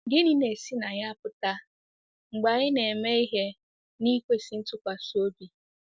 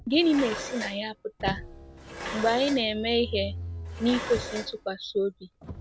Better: first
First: none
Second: background sound (Motor vehicle (road) + Dishes, pots, and pans); 9 dB below the speech

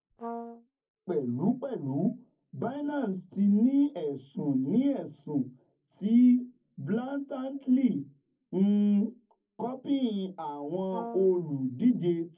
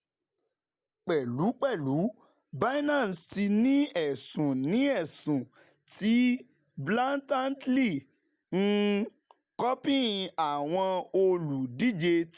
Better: second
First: noise reduction (neural separator model SepFormer DNS4)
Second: none

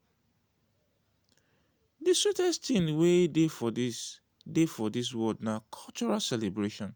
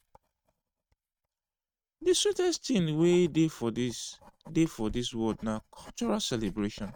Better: first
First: none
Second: noise reduction (neural mask model RNNoise)

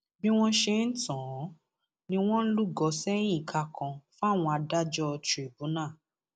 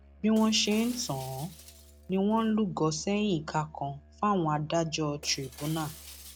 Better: first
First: none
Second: background sound (Shatter + Musical instrument); 20 dB below the speech

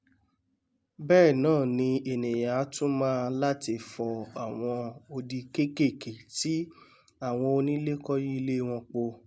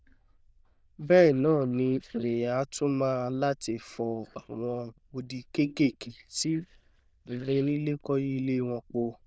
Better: first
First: none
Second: noise reduction (neural diffusion model UNIVERSE++)

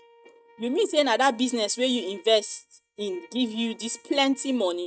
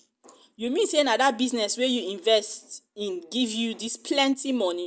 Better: second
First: noise reduction (neural mask model RNNoise)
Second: none

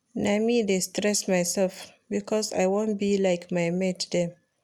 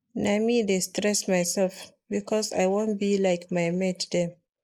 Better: first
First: none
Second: noise reduction (neural mask model Resemble Enhance denoiser)

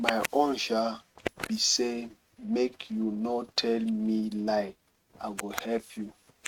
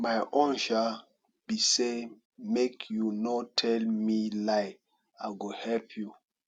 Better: second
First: noise reduction (neural mask model RNNoise)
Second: none

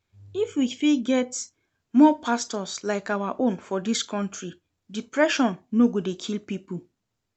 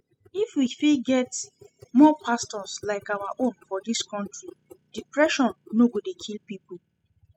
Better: first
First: none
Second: noise reduction (classical method spectral subtraction)

